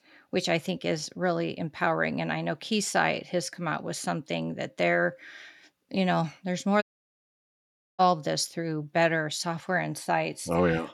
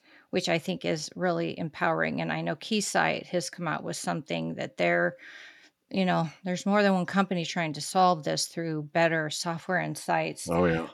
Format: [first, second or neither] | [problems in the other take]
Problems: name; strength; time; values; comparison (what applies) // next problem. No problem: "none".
second | audio cutting out; at 7 s for 1 s